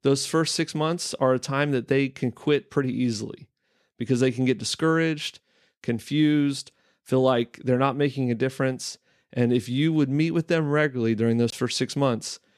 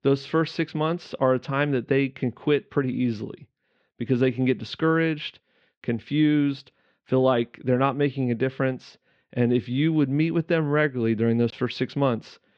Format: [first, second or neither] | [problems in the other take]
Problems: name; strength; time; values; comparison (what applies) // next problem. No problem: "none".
first | muffled; slightly; fading above 3.5 kHz